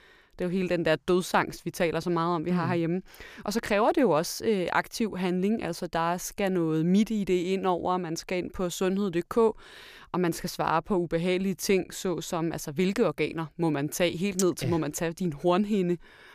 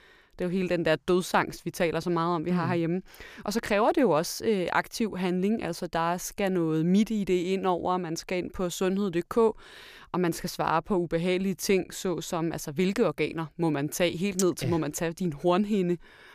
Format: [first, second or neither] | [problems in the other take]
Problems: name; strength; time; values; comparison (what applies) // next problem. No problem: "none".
neither | none